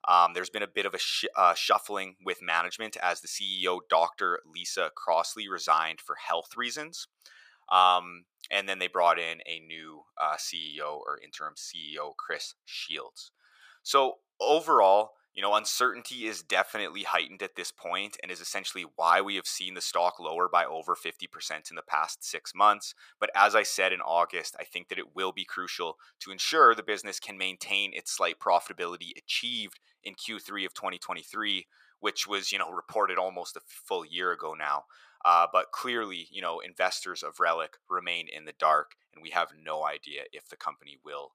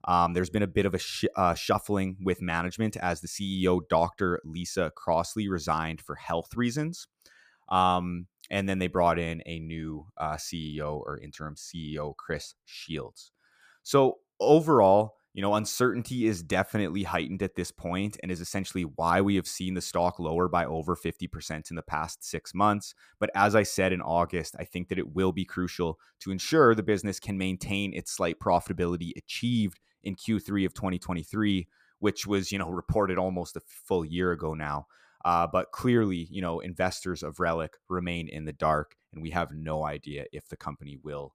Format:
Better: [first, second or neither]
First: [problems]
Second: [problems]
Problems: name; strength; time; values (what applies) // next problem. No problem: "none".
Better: second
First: thin; very; fading below 700 Hz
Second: none